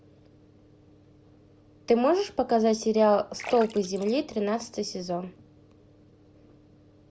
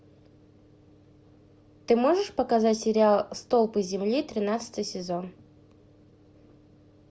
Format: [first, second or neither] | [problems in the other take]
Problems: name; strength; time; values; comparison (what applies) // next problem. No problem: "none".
second | background sound (Splash, splatter); 17 dB below the speech